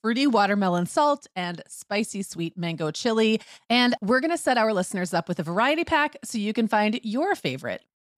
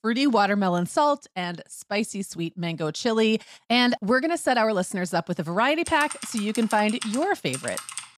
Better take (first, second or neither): first